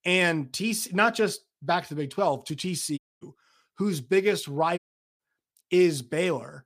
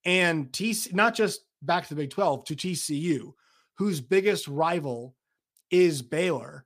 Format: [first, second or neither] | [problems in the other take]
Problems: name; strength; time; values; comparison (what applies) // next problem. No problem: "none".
second | audio cutting out; at 3 s and at 5 s